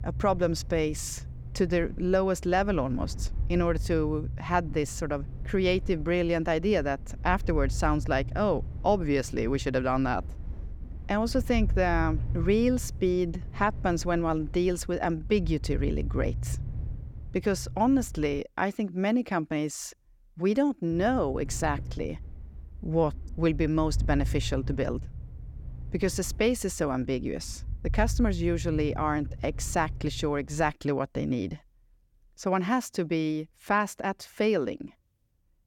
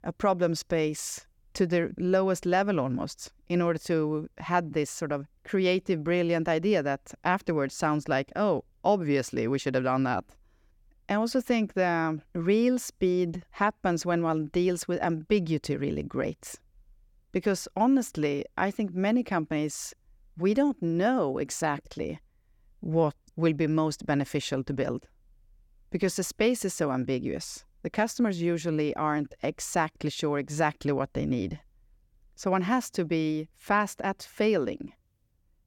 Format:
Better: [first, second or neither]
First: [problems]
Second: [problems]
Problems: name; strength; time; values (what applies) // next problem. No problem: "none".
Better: second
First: low rumble; faint; until 18 s and from 21 to 31 s; 25 dB below the speech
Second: none